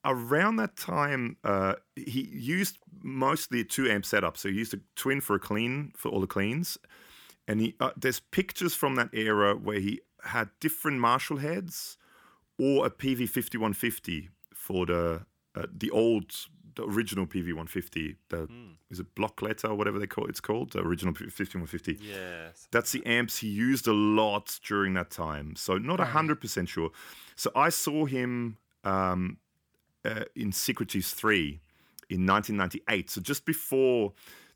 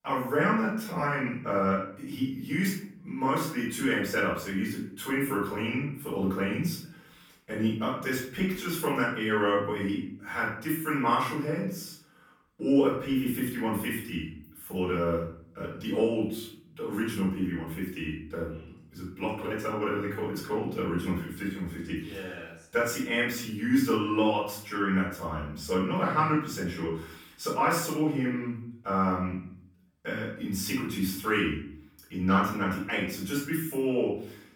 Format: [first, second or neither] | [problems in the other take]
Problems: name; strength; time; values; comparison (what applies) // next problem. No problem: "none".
first | room echo; noticeable; dies away in 0.5 s // off-mic speech; far